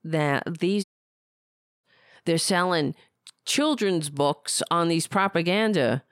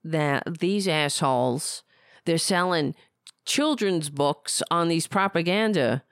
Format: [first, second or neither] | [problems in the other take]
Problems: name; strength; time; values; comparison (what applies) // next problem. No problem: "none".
second | audio cutting out; at 1 s for 1 s